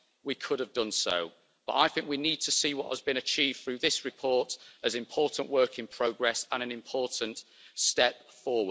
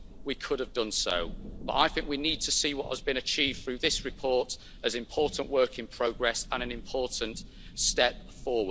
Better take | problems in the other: first | background sound (Thunder / Rain); 12 dB below the speech

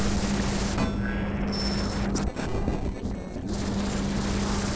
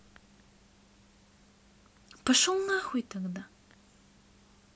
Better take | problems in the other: second | noise reduction (neural separator model SepFormer DNS4)

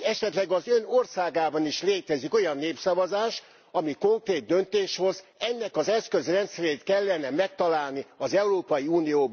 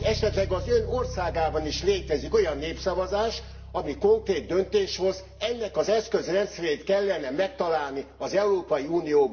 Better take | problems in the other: first | background sound (Bass guitar); 13 dB below the speech // room echo; dies away in 0.7 s

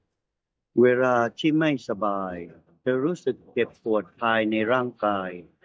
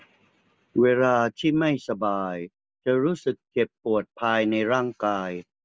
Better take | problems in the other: second | noise reduction (neural mask model DeepFilterNet 3)

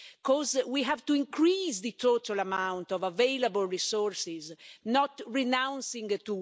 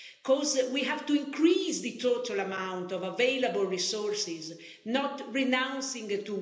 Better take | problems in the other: first | room echo; dies away in 0.8 s

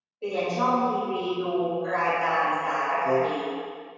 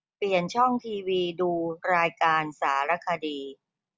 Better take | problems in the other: second | background sound (Wind instrument, woodwind instrument); 2 dB below the speech // room echo; dies away in 1.9 s

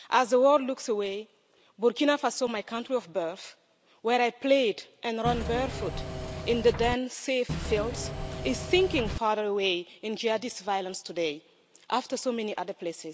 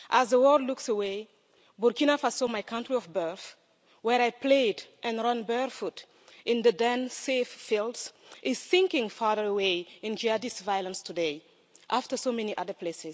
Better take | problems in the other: second | background sound (Engine / Mechanisms); 5 dB below the speech

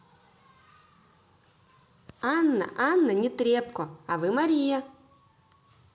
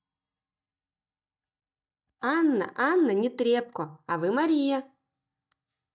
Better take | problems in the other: first | noise reduction (neural mask model DeepFilterNet 3)

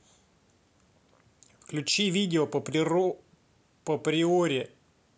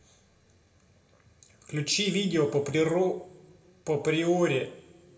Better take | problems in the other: first | room echo; dies away in 1.3 s

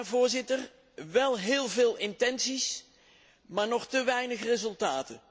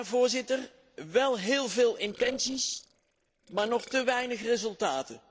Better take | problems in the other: first | noise reduction (neural separator model SepFormer DNS4)

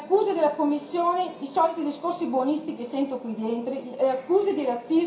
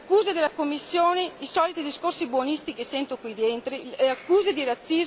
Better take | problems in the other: second | room echo; dies away in 0.5 s

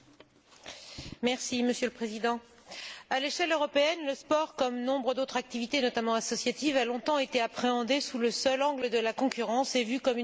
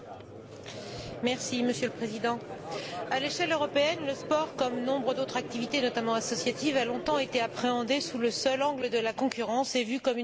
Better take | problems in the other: first | background sound (Crowd); 11 dB below the speech

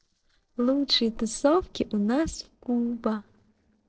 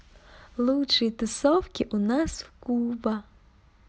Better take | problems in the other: second | noise reduction (neural separator model SepFormer DNS4)

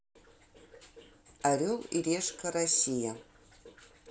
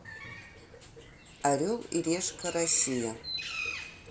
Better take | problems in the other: first | background sound (Bird); 10 dB below the speech

